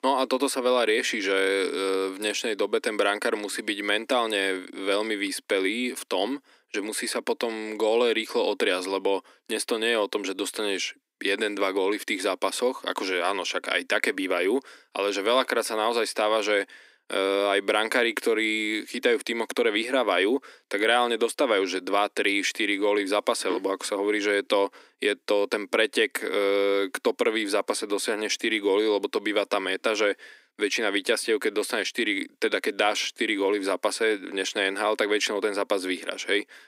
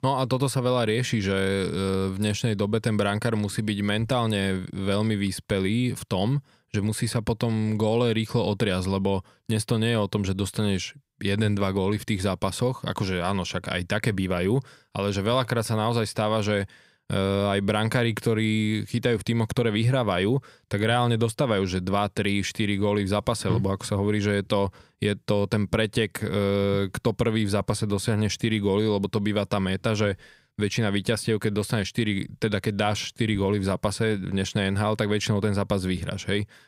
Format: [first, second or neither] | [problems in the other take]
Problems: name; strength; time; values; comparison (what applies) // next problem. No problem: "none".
second | thin; somewhat; fading below 250 Hz